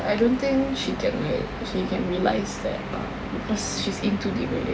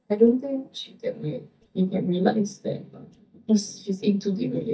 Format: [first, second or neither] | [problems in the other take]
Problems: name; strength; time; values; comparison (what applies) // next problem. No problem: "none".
first | noise reduction (neural mask model DeepFilterNet 3)